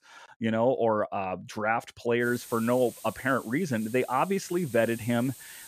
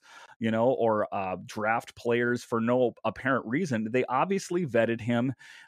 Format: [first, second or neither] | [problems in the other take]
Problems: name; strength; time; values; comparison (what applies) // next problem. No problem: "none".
second | hiss; noticeable; from 2 s on; 15 dB below the speech